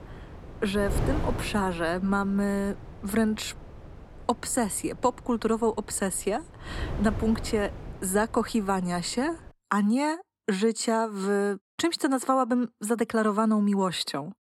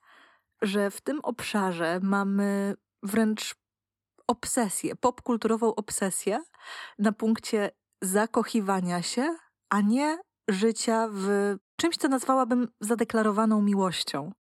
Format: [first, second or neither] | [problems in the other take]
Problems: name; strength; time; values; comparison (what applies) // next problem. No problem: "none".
second | wind noise on the microphone; occasional gusts; until 9.5 s; 15 dB below the speech